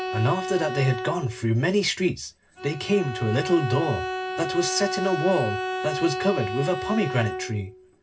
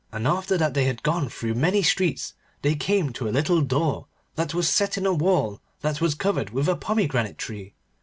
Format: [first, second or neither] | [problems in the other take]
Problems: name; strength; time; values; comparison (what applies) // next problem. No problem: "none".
second | background sound (Bowed string instrument); 6 dB below the speech // room echo; dies away in 0.4 s